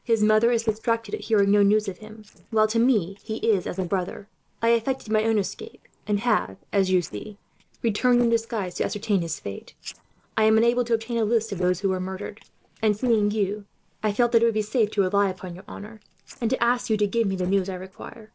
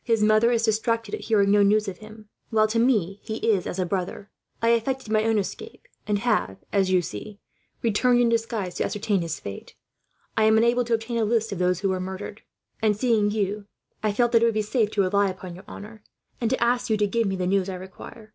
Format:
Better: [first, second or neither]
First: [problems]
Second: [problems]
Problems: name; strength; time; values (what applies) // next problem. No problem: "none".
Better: second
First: noise reduction (neural separator model SepFormer DNS4)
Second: none